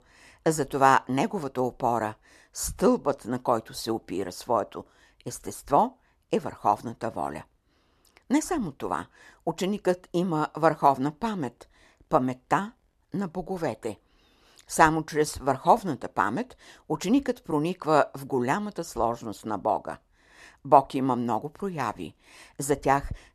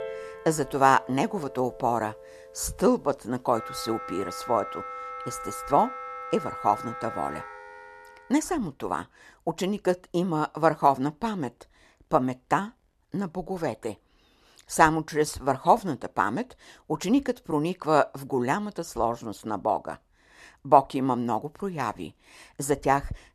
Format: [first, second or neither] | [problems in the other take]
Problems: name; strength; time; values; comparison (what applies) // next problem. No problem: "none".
first | background music; noticeable; until 8 s; 10 dB below the speech